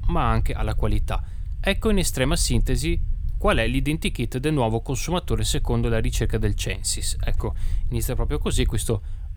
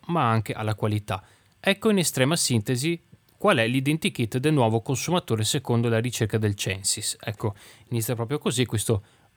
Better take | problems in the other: second | low rumble; faint; throughout; 25 dB below the speech

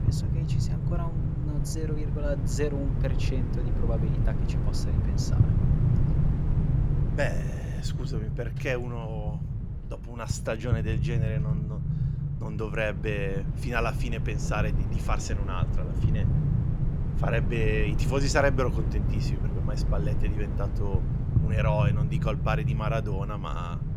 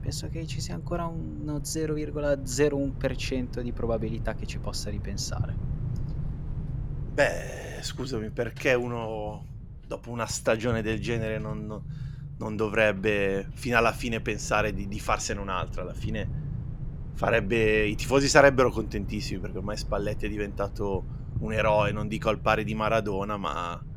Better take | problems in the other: second | low rumble; loud; throughout; 6 dB below the speech; faint in the second

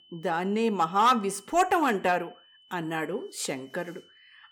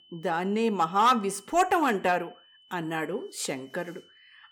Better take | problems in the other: neither | high-pitched whine; faint; throughout; 3 kHz, 30 dB below the speech; the same in both

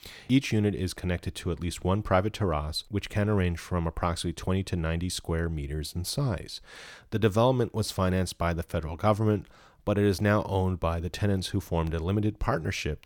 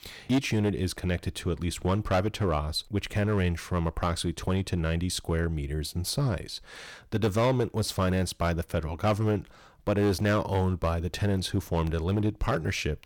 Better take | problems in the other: first | distortion; slight; 5% of the sound clipped

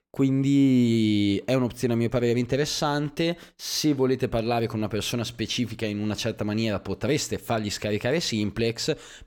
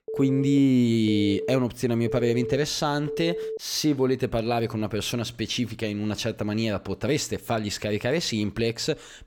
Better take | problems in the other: first | phone ringing; noticeable; until 3.5 s; peak 6 dB below the speech

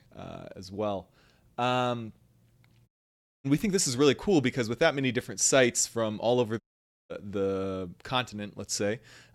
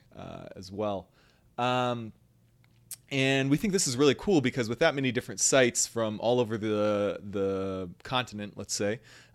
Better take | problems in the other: second | audio cutting out; at 3 s for 0.5 s and at 6.5 s

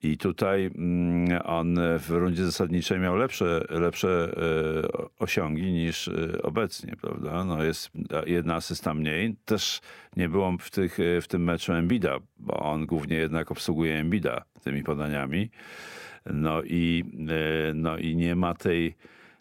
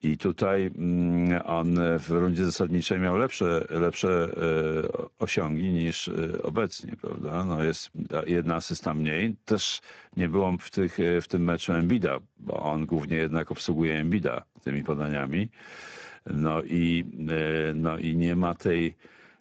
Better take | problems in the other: first | garbled, watery; badly

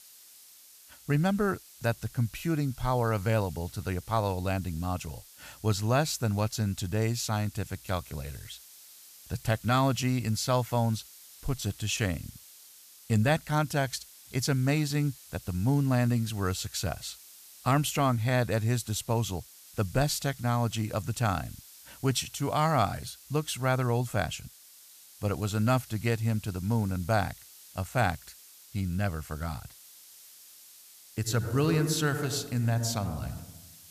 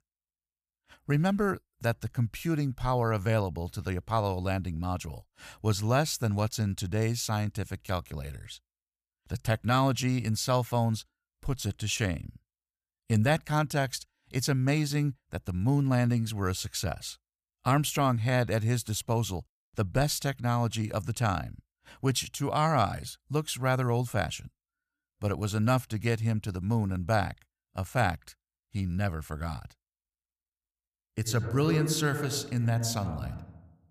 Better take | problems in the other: second | hiss; noticeable; throughout; 20 dB below the speech

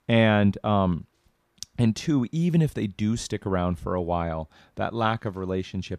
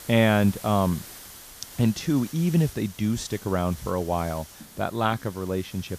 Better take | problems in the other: first | hiss; noticeable; throughout; 15 dB below the speech

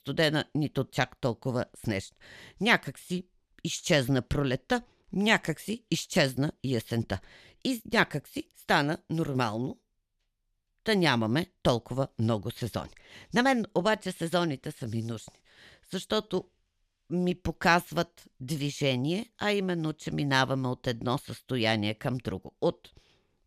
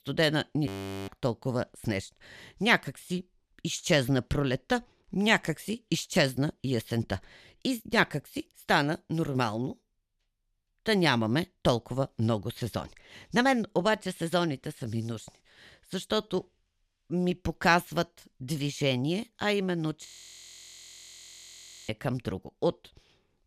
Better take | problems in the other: first | audio freezing; at 0.5 s and at 20 s for 2 s

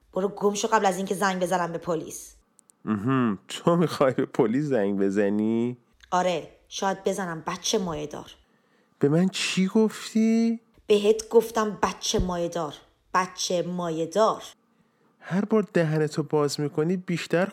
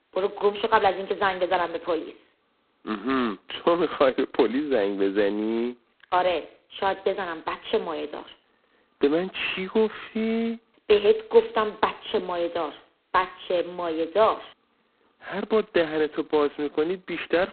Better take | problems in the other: first | phone-call audio; poor line; nothing above 4 kHz

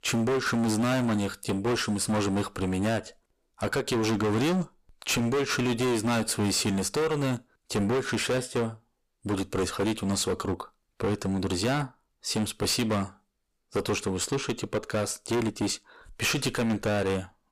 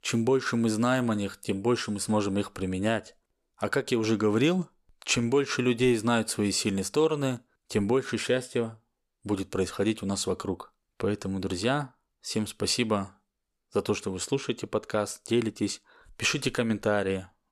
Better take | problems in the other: second | distortion; heavy; 20% of the sound clipped

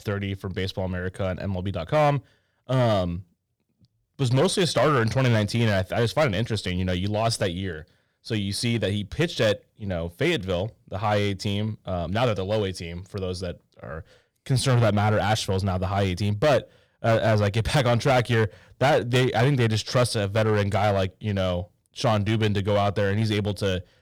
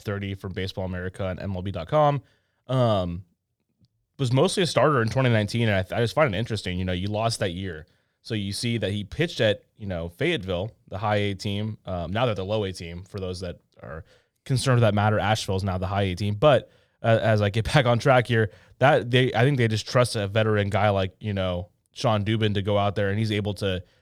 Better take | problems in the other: second | distortion; slight; 6% of the sound clipped

